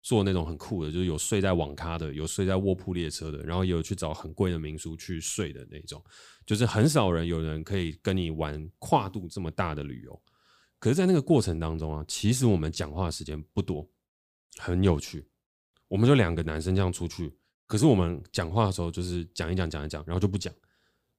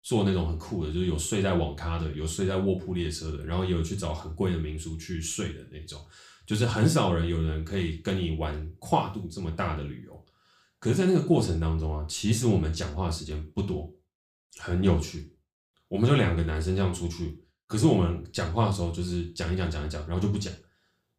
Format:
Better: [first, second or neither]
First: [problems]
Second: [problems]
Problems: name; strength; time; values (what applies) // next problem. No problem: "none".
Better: first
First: none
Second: room echo; very slight; dies away in 0.4 s // off-mic speech; somewhat distant